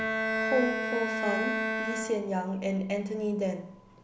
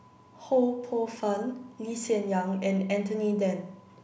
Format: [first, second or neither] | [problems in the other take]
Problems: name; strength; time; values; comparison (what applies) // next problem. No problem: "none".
second | background sound (Bowed string instrument); 1 dB below the speech